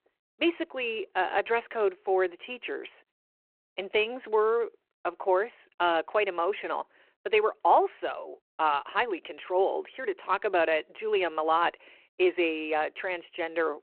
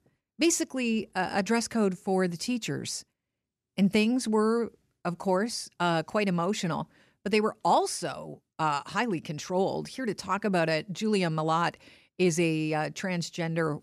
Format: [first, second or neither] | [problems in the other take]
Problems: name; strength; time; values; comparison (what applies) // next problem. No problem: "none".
second | phone-call audio